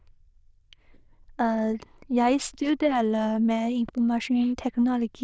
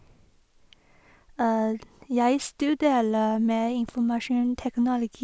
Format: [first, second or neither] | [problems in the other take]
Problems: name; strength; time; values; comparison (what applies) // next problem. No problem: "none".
second | noise reduction (neural diffusion model UNIVERSE++)